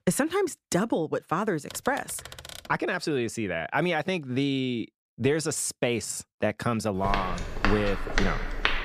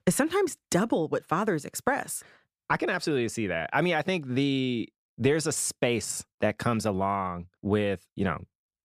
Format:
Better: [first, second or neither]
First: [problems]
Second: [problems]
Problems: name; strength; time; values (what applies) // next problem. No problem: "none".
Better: second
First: keyboard typing; faint; at 1.5 s; peak 10 dB below the speech // footsteps; loud; from 7 s on; peak 1 dB above the speech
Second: none